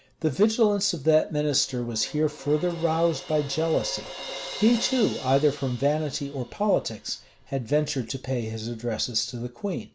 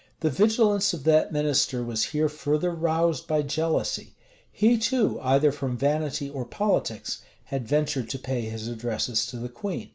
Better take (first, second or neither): second